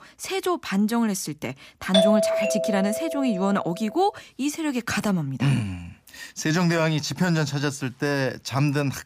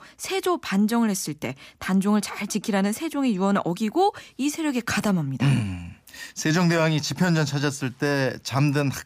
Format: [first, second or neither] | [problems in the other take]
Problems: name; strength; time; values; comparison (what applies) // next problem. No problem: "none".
second | doorbell; loud; from 2 to 3.5 s; peak 5 dB above the speech